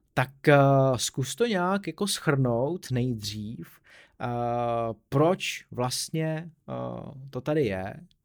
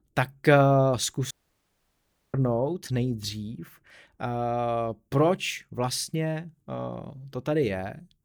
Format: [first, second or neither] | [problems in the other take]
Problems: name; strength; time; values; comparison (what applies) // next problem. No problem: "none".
first | audio cutting out; at 1.5 s for 1 s